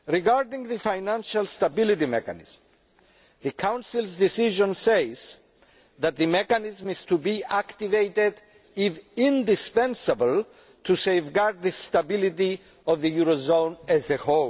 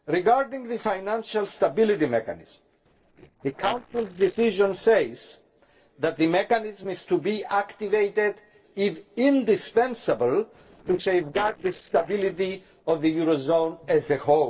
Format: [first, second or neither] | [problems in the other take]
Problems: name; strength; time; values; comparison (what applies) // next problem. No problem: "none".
first | noise reduction (neural separator model SepFormer DNS4)